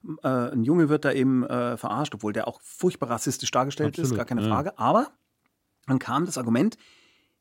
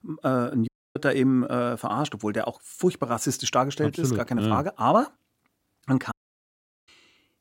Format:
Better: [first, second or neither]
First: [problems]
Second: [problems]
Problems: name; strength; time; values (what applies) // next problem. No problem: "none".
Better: first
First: none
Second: audio cutting out; at 0.5 s and at 6 s for 1 s